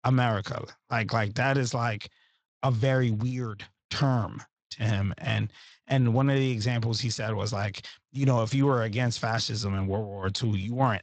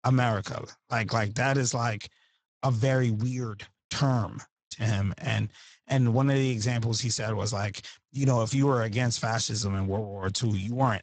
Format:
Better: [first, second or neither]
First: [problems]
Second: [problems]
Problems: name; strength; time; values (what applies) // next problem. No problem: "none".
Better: first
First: garbled, watery; slightly; nothing above 7.5 kHz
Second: garbled, watery; badly; nothing above 7.5 kHz